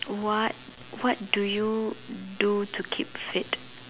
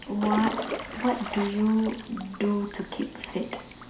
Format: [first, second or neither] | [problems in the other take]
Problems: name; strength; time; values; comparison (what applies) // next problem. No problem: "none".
first | background sound (Drip / Trickle, dribble / Water / Splash, splatter); 9 dB below the speech // room echo; dies away in 0.5 s